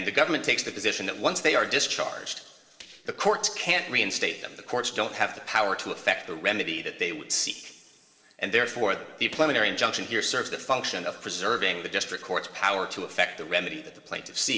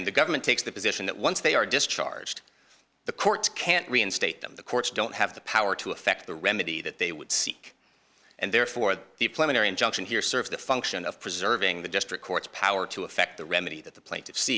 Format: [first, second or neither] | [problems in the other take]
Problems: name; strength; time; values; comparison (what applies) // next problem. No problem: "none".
second | noise reduction (neural separator model SepFormer DNS4)